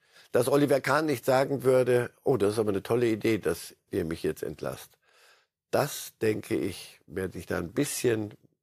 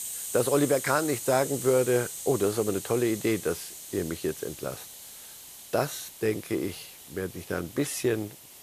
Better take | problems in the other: first | hiss; loud; throughout; 9 dB below the speech

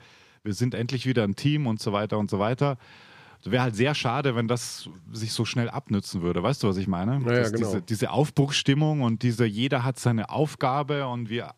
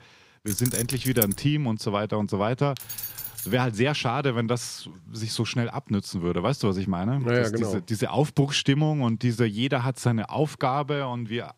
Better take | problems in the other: first | jangling keys; noticeable; at 0.5 s and at 3 s; peak 1 dB below the speech

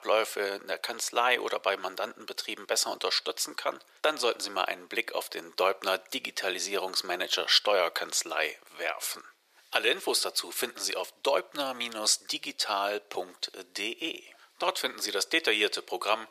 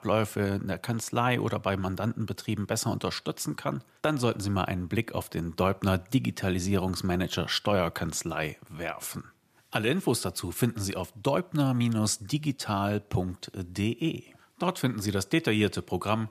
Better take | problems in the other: second | thin; very; fading below 450 Hz

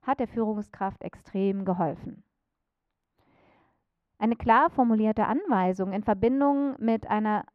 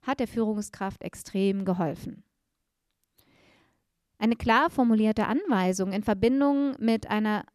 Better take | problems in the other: second | muffled; very; fading above 4 kHz

